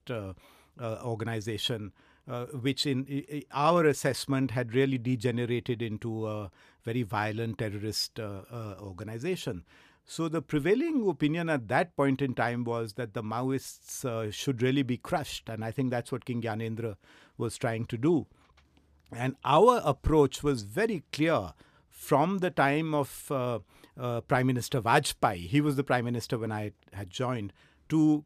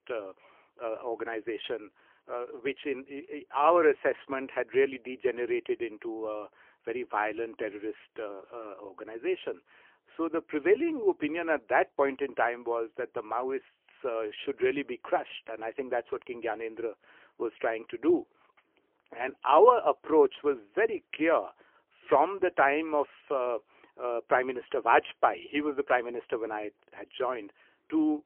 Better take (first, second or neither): first